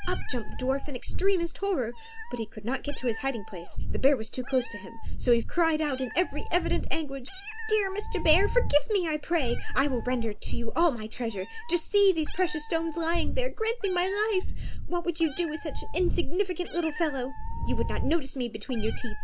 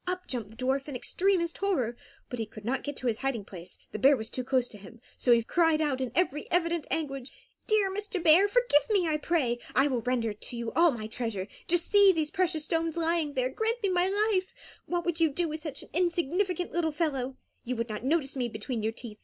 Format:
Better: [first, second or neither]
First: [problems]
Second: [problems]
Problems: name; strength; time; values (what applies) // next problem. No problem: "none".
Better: second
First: background sound (Meow); 2 dB above the speech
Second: none